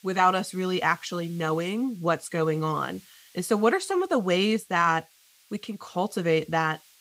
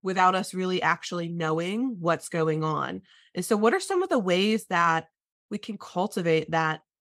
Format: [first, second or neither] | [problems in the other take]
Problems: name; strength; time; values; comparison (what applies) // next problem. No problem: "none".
second | hiss; faint; throughout; 30 dB below the speech